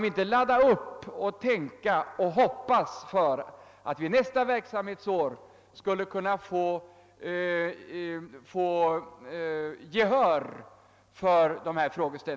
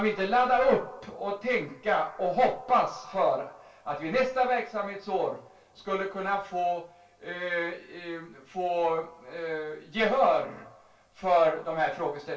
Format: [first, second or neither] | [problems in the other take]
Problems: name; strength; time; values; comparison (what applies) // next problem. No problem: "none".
first | room echo; dies away in 0.2 s